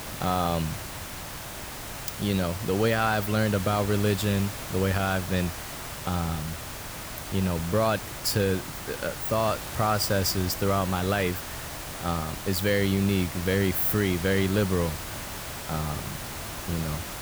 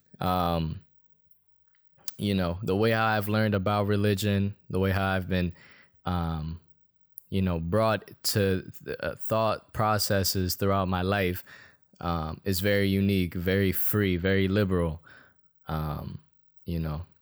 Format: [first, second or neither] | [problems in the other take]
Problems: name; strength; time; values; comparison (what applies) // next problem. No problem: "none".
second | hiss; loud; throughout; 8 dB below the speech